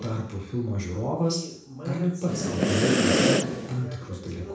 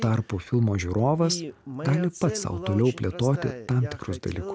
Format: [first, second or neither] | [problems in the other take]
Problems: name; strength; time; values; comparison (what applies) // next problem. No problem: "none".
second | background sound (Breathing); 4 dB above the speech // room echo; dies away in 0.7 s